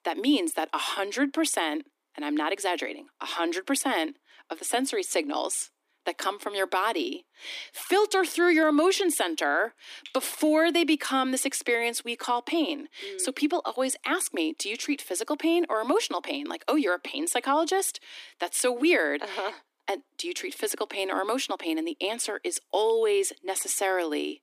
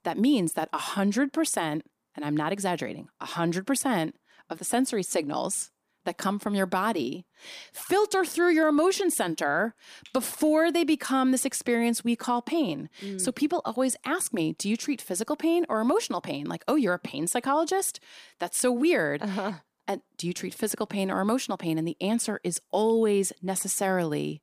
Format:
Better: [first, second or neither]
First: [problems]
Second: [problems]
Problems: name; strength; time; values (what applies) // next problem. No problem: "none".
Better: second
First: thin; very slightly; fading below 250 Hz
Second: none